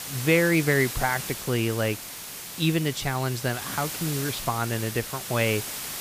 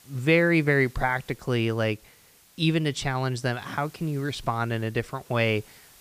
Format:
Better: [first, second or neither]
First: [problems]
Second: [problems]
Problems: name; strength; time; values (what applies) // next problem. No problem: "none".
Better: second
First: hiss; loud; throughout; 7 dB below the speech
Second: hiss; faint; throughout; 25 dB below the speech